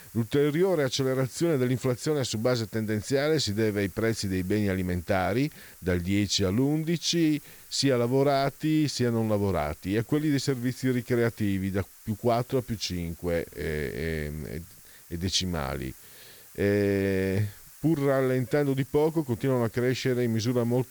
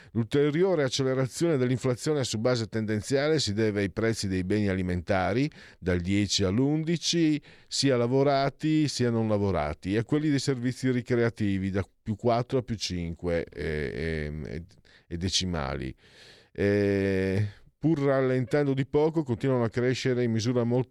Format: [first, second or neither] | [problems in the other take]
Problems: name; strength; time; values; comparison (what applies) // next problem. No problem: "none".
second | hiss; faint; throughout; 20 dB below the speech